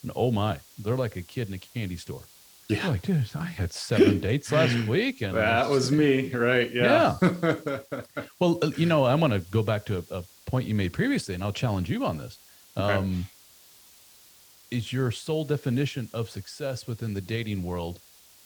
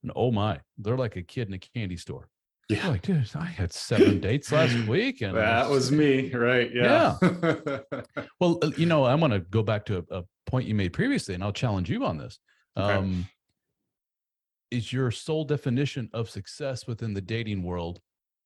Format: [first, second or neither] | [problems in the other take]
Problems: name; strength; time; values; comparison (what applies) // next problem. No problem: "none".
second | hiss; faint; throughout; 25 dB below the speech